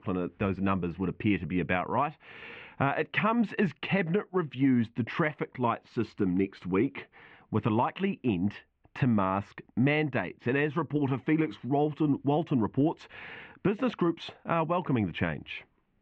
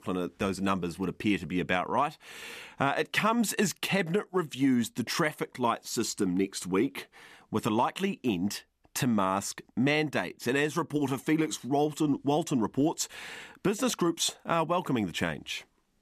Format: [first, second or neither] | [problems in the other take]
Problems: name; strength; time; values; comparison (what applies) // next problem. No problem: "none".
second | muffled; very; fading above 2.5 kHz